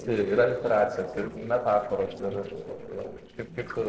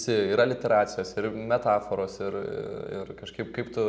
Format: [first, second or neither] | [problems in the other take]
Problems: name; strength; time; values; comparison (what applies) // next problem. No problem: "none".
second | noise reduction (neural separator model SepFormer DNS4)